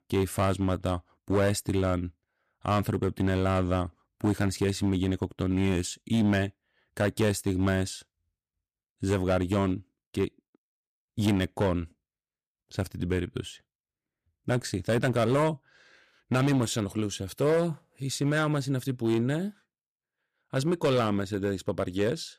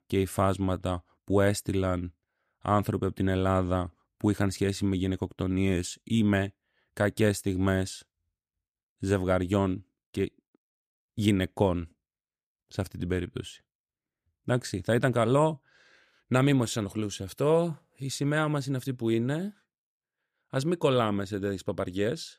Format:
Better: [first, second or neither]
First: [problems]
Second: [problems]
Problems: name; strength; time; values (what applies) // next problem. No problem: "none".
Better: second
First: distortion; slight; 5% of the sound clipped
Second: none